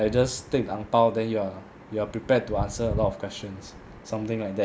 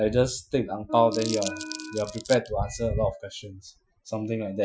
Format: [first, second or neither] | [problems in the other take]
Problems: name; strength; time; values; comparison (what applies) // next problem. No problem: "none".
first | noise reduction (classical method Wiener filter)